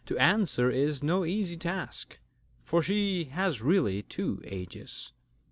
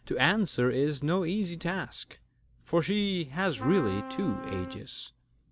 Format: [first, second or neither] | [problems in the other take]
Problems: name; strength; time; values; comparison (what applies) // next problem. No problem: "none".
first | background sound (Trumpet); 10 dB below the speech